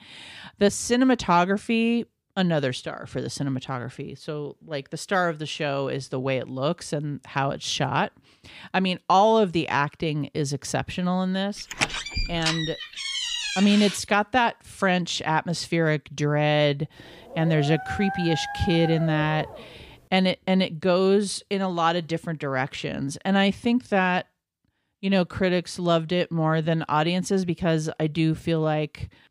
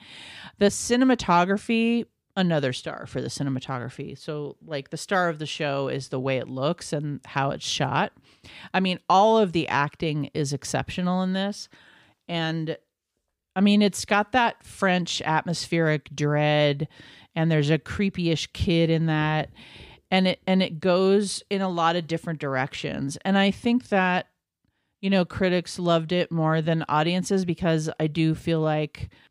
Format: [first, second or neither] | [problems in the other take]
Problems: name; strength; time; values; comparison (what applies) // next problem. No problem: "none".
second | door banging; noticeable; from 12 to 14 s; peak 1 dB below the speech // dog barking; noticeable; from 17 to 20 s; peak 7 dB below the speech